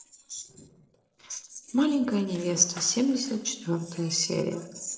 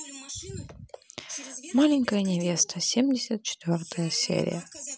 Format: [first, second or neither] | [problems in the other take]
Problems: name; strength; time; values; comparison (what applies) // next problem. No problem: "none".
second | noise reduction (neural separator model SepFormer DNS4)